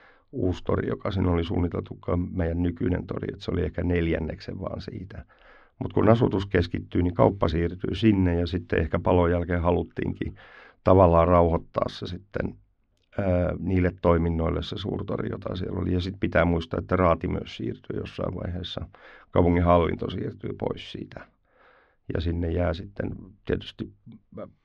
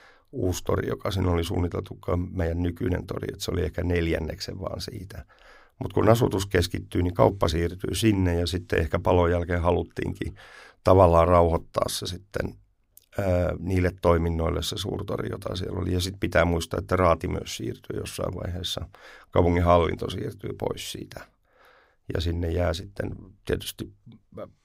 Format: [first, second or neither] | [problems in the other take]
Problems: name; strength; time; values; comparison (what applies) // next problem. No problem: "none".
second | muffled; slightly; fading above 3.5 kHz